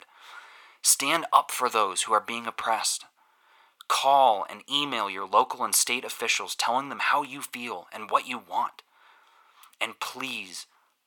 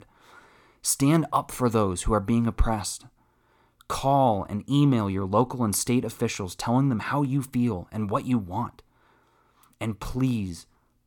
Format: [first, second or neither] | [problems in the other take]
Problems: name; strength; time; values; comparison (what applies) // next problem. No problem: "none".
second | thin; very; fading below 900 Hz